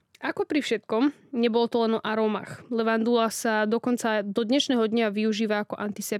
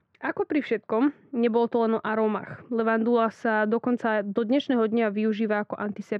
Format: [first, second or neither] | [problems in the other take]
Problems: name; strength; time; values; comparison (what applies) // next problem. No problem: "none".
first | muffled; very; fading above 1.5 kHz